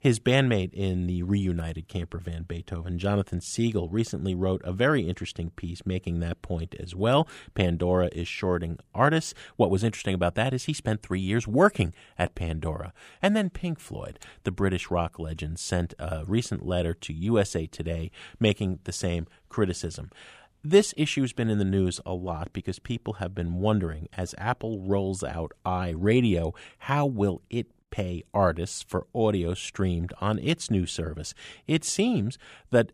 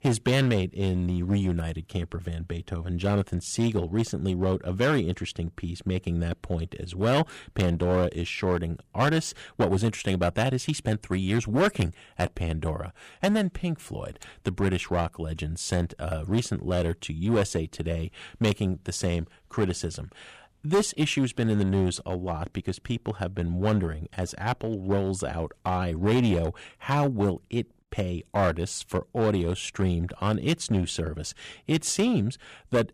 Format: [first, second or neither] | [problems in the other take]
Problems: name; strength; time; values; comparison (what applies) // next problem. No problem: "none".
first | distortion; slight; 5% of the sound clipped